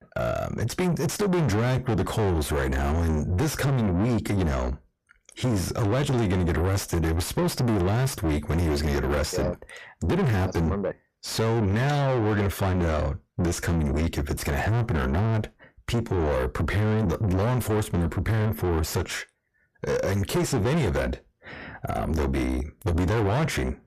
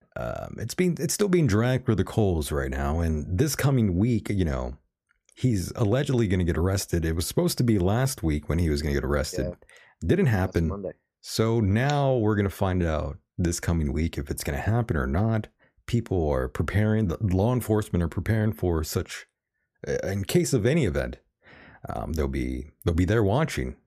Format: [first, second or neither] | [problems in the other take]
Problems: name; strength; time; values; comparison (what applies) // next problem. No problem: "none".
second | distortion; heavy; 5 dB below the speech